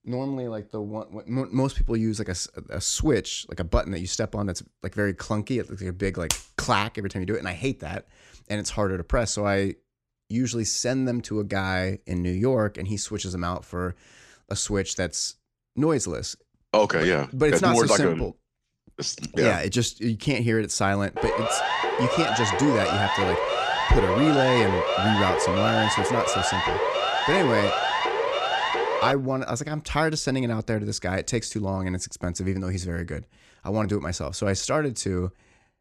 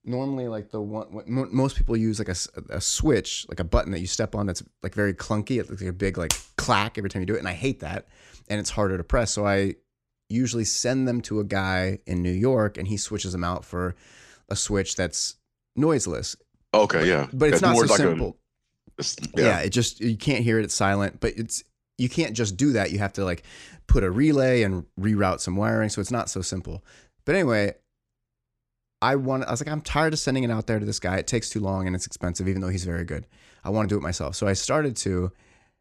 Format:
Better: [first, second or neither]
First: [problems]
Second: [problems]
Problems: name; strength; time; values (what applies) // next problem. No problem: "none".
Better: second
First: siren; loud; from 21 to 29 s; peak 3 dB above the speech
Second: none